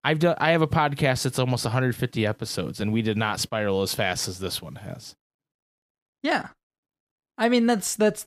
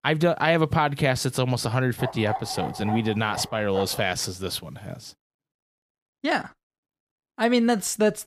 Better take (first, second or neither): first